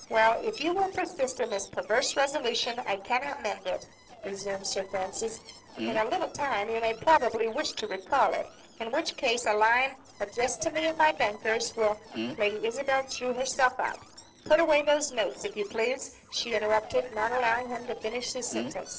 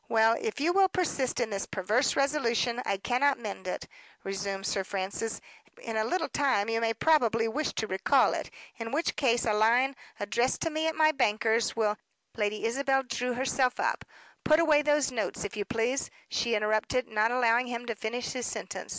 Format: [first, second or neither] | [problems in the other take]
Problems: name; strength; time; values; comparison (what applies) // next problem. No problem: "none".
second | noise reduction (neural separator model SepFormer DNS4)